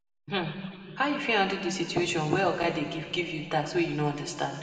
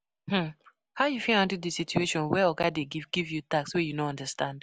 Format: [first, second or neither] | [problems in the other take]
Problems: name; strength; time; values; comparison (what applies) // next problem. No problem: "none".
second | room echo; dies away in 2.4 s